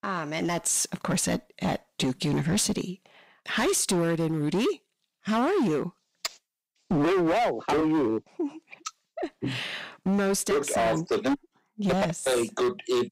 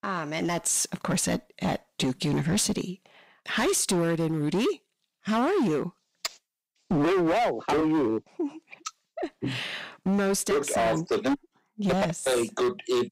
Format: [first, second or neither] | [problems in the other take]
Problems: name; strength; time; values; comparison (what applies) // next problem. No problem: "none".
neither | distortion; heavy; 17% of the sound clipped; the same in both